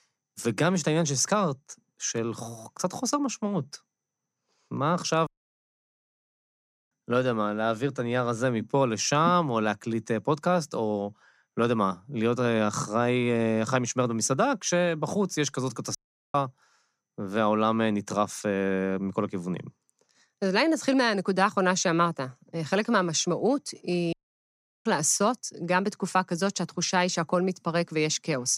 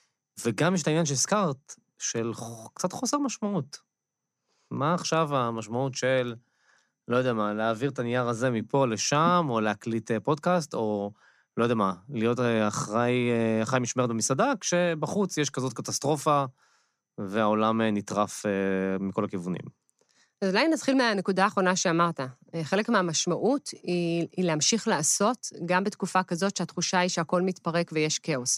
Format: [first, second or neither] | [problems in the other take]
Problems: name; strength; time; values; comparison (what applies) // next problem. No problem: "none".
second | audio cutting out; at 5.5 s for 1.5 s, at 16 s and at 24 s for 0.5 s